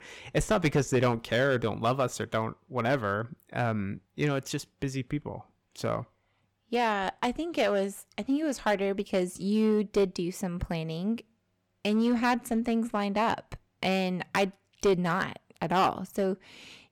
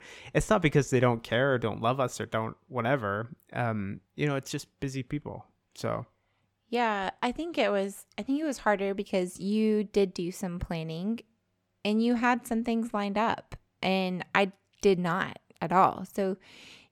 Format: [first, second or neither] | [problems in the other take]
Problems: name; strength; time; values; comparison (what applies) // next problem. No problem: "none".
second | distortion; slight; 3% of the sound clipped